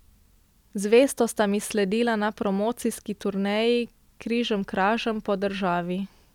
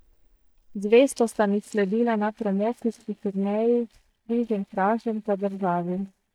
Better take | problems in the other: first | noise reduction (neural mask model DeepFilterNet 3)

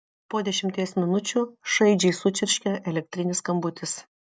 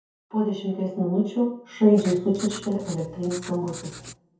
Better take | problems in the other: first | background sound (Writing); 16 dB below the speech // room echo; dies away in 0.6 s

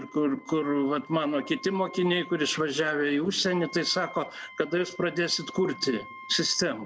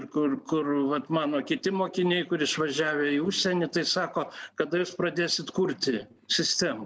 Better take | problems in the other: second | background sound (Wind instrument, woodwind instrument); 19 dB below the speech

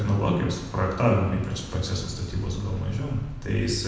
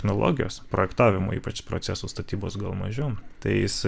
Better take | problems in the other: second | background sound (Waves, surf); 14 dB below the speech // room echo; dies away in 1.1 s

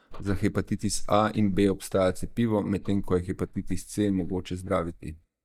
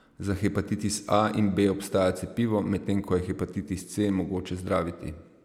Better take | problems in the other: second | noise reduction (neural mask model DeepFilterNet 3)

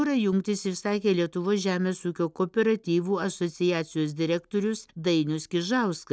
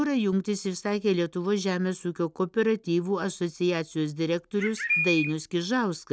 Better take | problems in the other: first | background sound (Bird); 1 dB below the speech

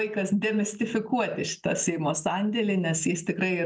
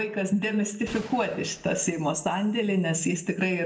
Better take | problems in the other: first | background sound (Gunshot, gunfire); 20 dB below the speech // room echo; dies away in 1.6 s

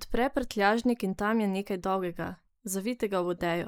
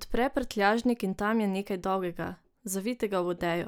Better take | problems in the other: second | noise reduction (neural mask model Resemble Enhance denoiser)

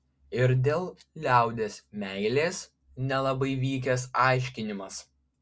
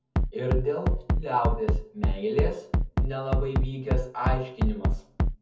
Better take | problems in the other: first | background sound (Bass drum); 4 dB above the speech // room echo; dies away in 0.7 s

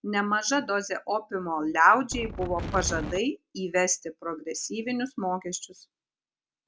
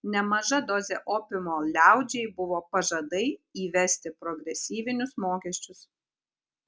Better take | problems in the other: second | background sound (Wind); 6 dB below the speech

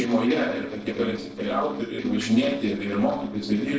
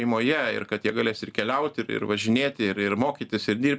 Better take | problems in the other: second | noise reduction (neural separator model SepFormer DNS4)

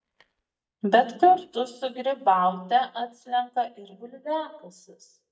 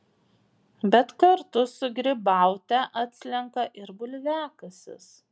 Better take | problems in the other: second | noise reduction (neural mask model DeepFilterNet 3)

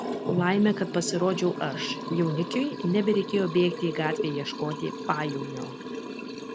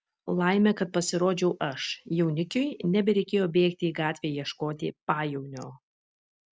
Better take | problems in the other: second | background sound (Liquid); 7 dB below the speech

